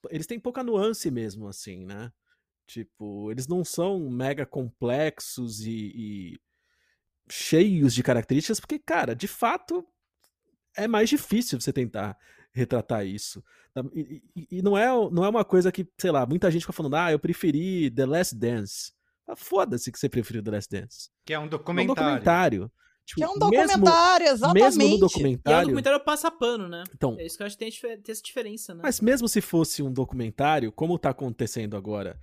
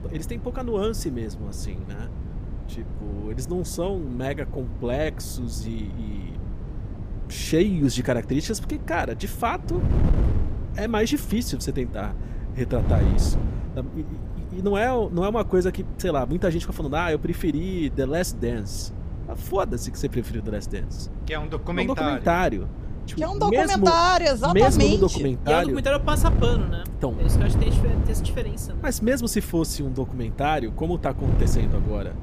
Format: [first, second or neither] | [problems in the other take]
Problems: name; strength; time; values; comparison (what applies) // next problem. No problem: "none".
first | wind noise on the microphone; occasional gusts; 15 dB below the speech